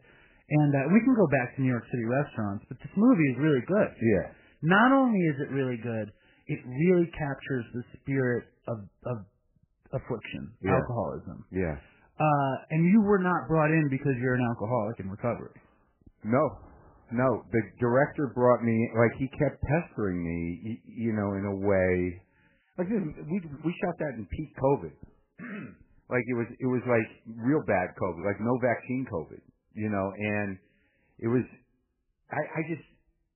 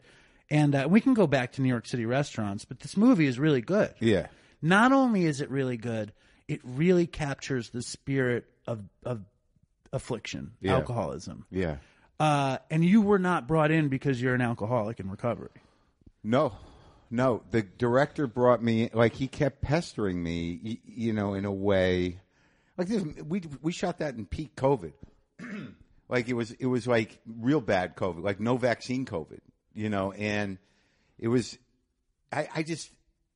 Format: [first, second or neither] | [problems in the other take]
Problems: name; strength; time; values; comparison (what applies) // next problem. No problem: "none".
second | garbled, watery; badly; nothing above 3 kHz; slightly in the second